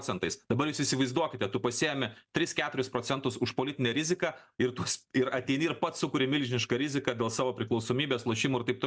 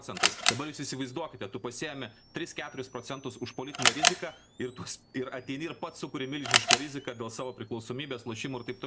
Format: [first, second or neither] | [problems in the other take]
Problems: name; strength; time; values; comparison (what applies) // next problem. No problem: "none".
first | background sound (Camera); 4 dB above the speech